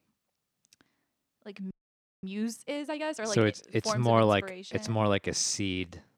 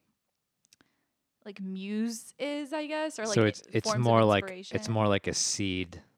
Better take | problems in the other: second | audio freezing; at 1.5 s for 0.5 s

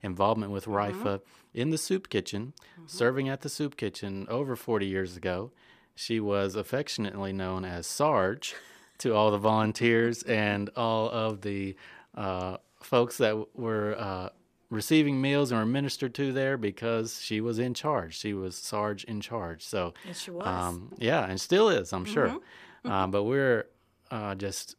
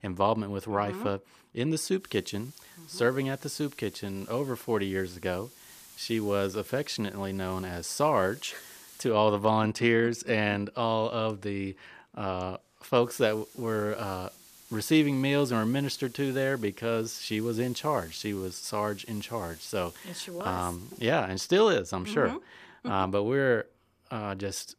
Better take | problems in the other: first | hiss; faint; from 2 to 9 s and from 13 to 21 s; 20 dB below the speech

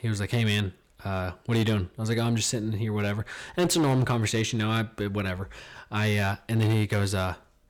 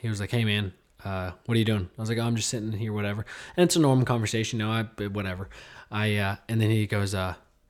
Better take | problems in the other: second | distortion; slight; 7% of the sound clipped

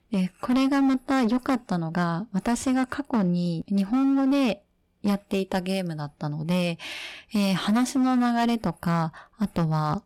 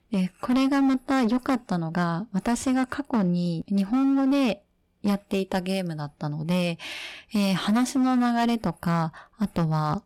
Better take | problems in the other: neither | distortion; slight; 12% of the sound clipped; the same in both

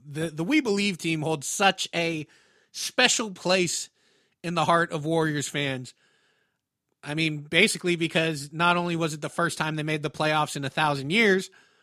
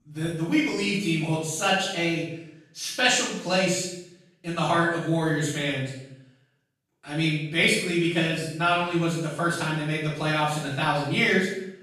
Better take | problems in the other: first | off-mic speech; far // room echo; noticeable; dies away in 0.7 s

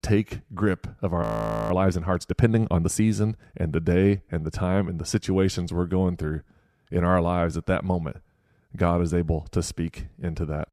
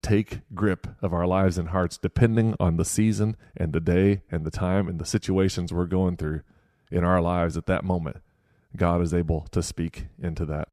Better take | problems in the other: second | audio freezing; at 1 s

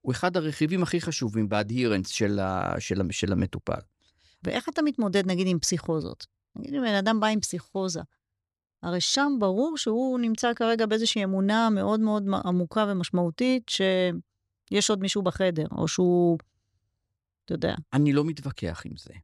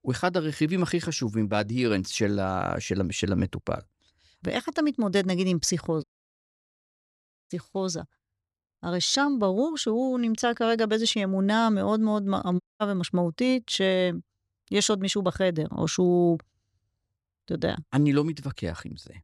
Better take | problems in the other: first | audio cutting out; at 6 s for 1.5 s and at 13 s

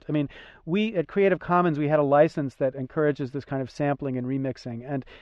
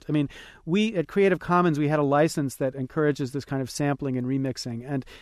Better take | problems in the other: second | muffled; very; fading above 3 kHz

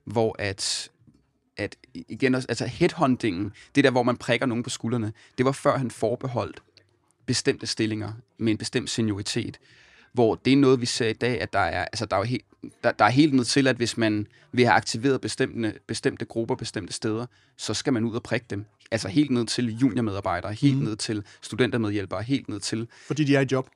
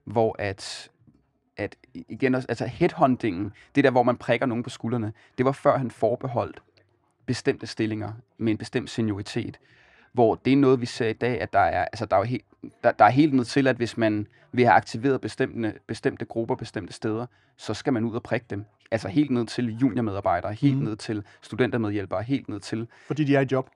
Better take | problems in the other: first | muffled; slightly; fading above 3.5 kHz

